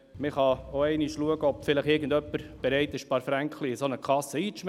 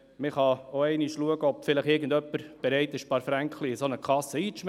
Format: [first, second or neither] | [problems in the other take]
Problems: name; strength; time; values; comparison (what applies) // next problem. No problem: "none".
second | background sound (Boat, Water vehicle); 19 dB below the speech